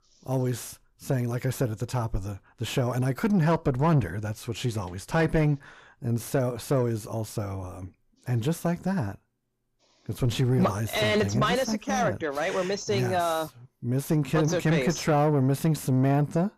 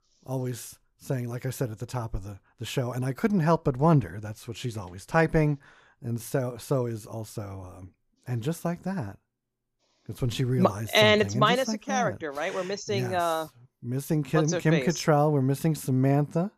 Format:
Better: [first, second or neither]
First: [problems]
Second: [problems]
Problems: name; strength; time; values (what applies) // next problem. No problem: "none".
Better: second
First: distortion; heavy; 7 dB below the speech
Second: none